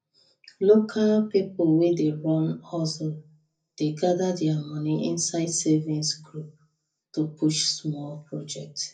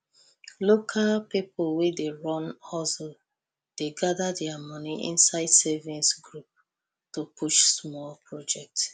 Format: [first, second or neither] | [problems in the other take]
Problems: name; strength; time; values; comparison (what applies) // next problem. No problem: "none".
second | room echo; dies away in 0.4 s